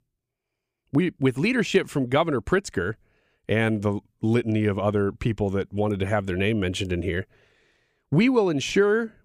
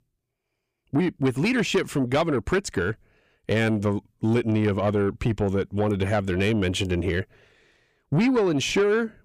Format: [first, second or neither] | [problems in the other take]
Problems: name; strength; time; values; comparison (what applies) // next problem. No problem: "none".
first | distortion; slight; 10 dB below the speech